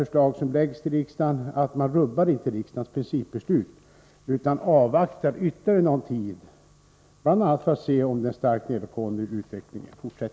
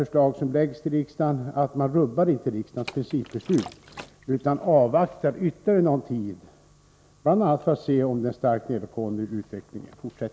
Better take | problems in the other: first | background sound (Liquid); 19 dB below the speech

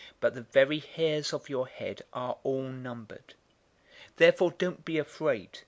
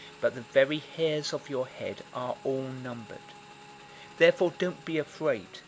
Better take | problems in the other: first | background sound (Motorcycle / Engine); 20 dB below the speech

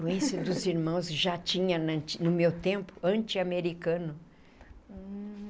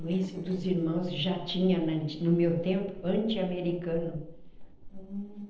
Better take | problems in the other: first | noise reduction (neural separator model SepFormer DNS4)

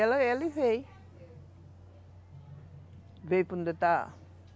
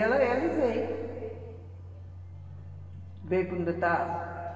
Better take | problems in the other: first | room echo; dies away in 2.4 s

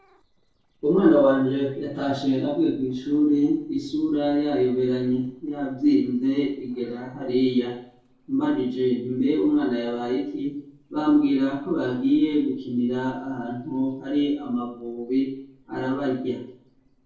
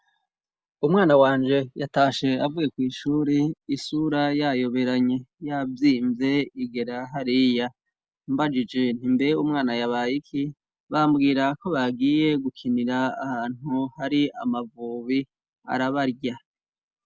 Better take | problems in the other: second | noise reduction (neural separator model SepFormer DNS4)

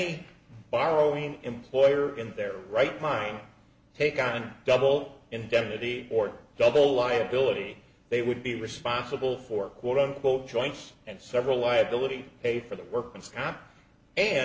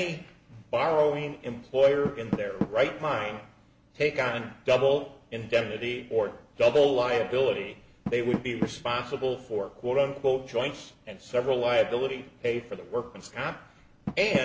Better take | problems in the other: first | background sound (Door); 13 dB below the speech

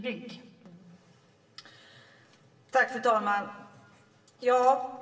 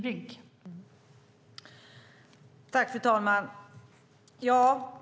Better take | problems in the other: second | room echo; dies away in 1.3 s

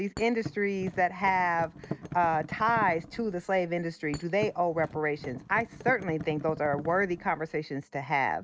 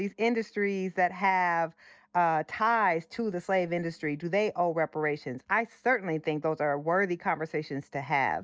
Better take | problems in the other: second | background sound (Thump, thud); 12 dB below the speech

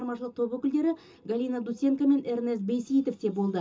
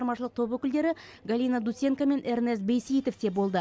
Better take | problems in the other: second | room echo; dies away in 0.2 s

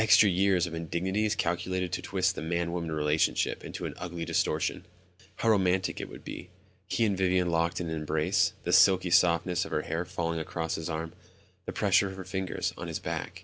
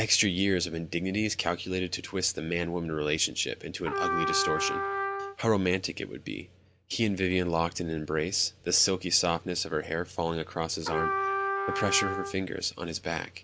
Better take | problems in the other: first | background sound (Trumpet); 2 dB below the speech

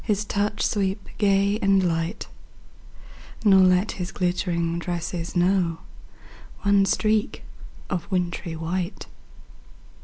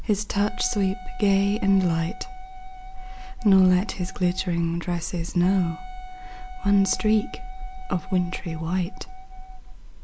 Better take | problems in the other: first | background sound (Wind instrument, woodwind instrument); 19 dB below the speech

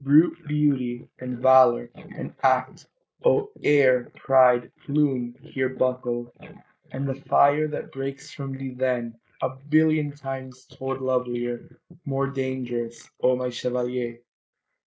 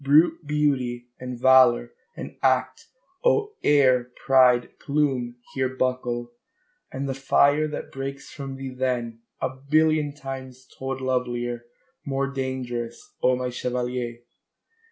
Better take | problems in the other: second | noise reduction (neural mask model Resemble Enhance denoiser)

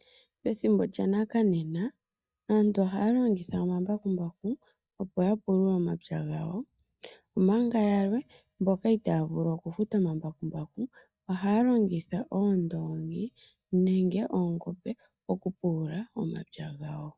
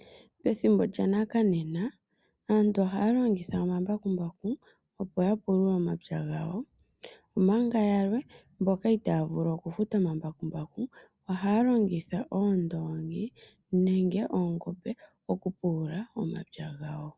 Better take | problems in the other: second | noise reduction (neural mask model DeepFilterNet 3)

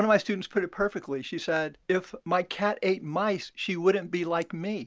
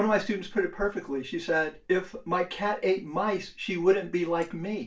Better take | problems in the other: first | room echo; dies away in 0.2 s

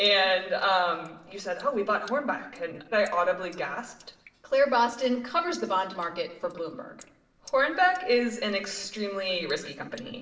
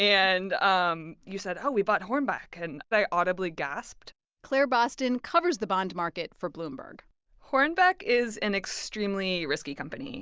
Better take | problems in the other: second | noise reduction (neural separator model SepFormer DNS4)

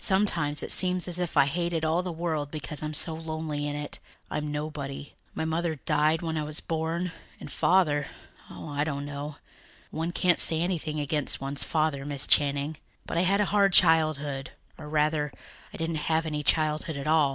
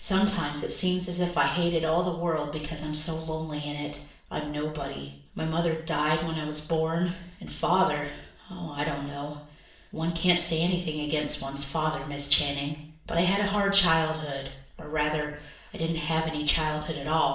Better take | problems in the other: first | room echo; dies away in 0.6 s

